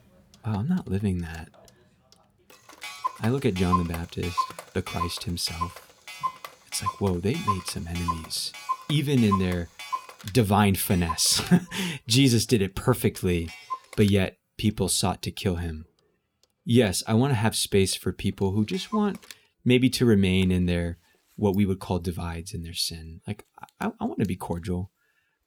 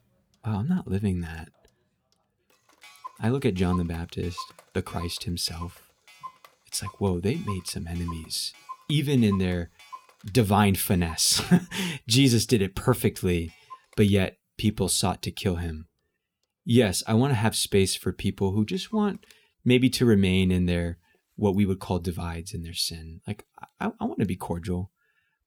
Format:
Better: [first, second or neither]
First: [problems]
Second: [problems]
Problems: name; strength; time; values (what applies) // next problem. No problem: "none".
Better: second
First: household noises; loud; throughout; 9 dB below the speech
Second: household noises; faint; throughout; 20 dB below the speech